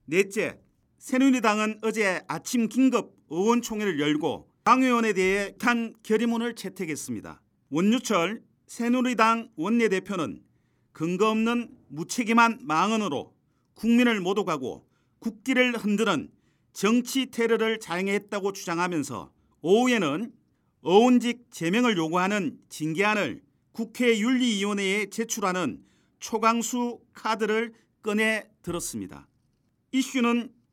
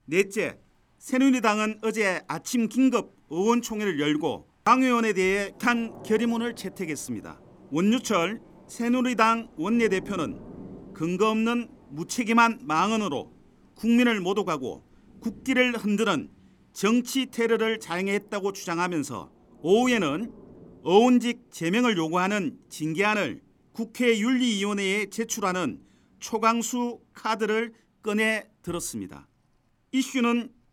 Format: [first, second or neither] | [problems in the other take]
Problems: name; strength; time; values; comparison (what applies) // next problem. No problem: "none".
first | rain or running water; faint; throughout; 25 dB below the speech